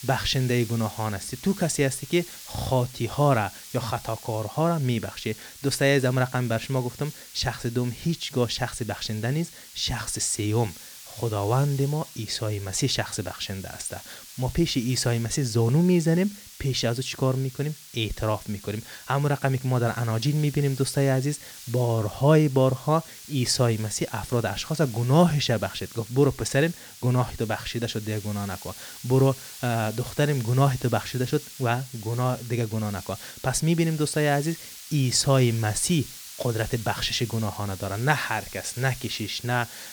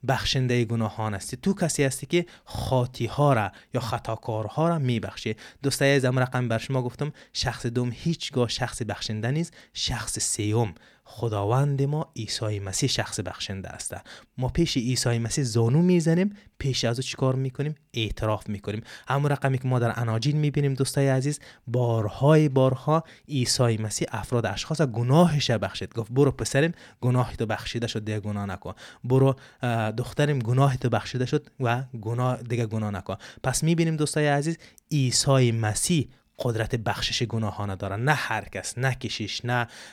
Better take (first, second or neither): second